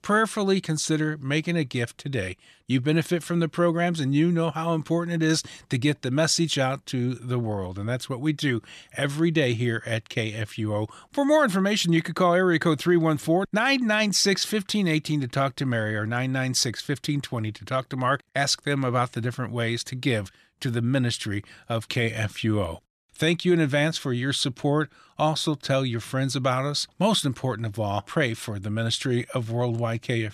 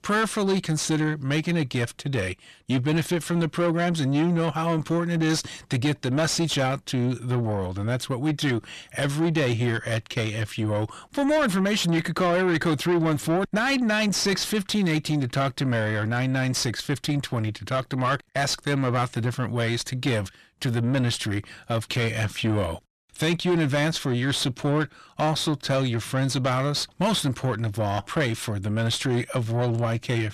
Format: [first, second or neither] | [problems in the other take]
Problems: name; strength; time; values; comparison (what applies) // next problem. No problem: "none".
first | distortion; slight; 9 dB below the speech